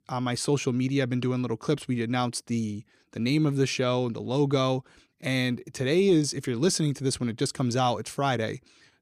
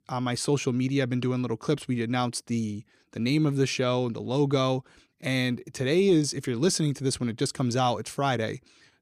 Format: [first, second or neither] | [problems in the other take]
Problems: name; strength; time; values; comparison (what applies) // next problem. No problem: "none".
neither | none